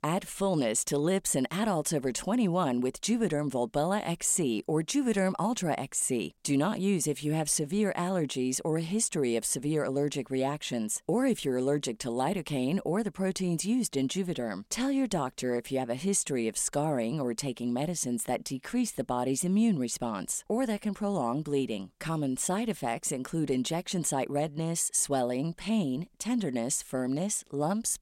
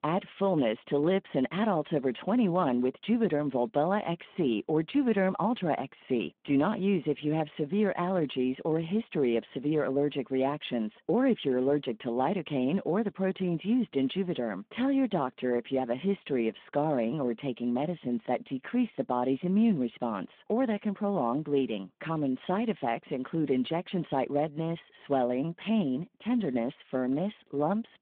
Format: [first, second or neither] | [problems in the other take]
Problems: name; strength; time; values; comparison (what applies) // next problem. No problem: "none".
first | phone-call audio